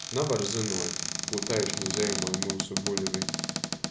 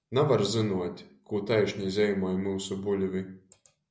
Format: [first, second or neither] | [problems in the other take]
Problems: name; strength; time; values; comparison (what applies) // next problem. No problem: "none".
second | background sound (Cupboard open or close); as loud as the speech